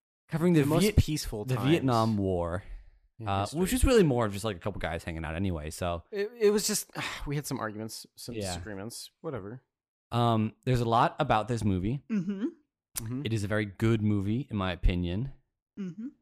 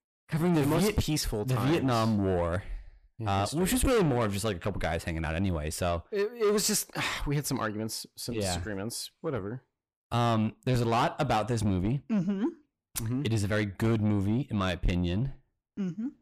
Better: first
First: none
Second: distortion; heavy; 7 dB below the speech

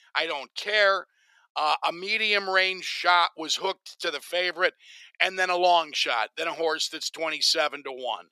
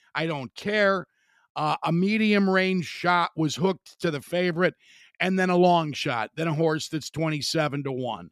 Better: second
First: thin; very; fading below 500 Hz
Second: none

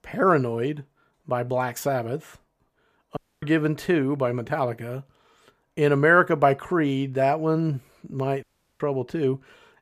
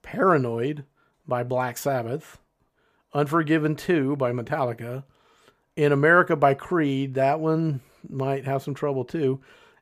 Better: second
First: audio cutting out; at 3 s and at 8.5 s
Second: none

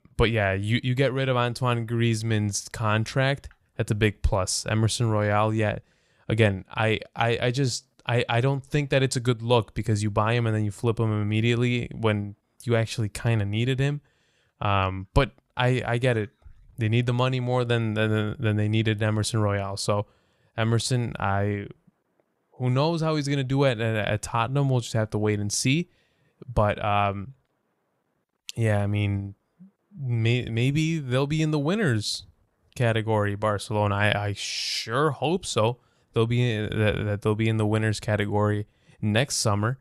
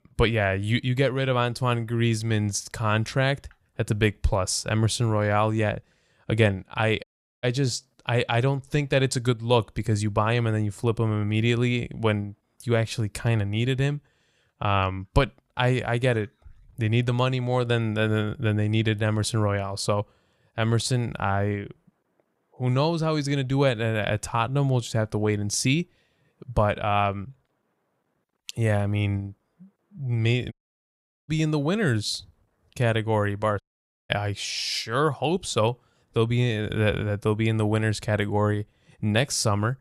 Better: first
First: none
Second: audio cutting out; at 7 s, at 31 s for 1 s and at 34 s

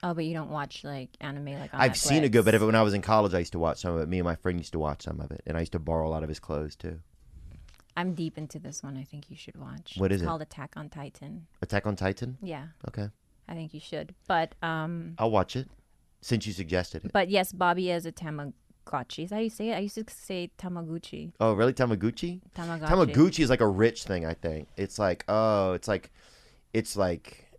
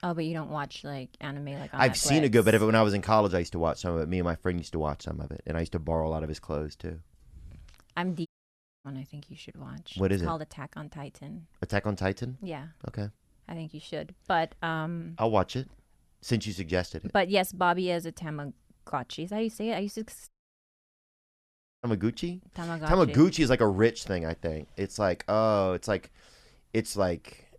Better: first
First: none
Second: audio cutting out; at 8.5 s for 0.5 s and at 20 s for 1.5 s

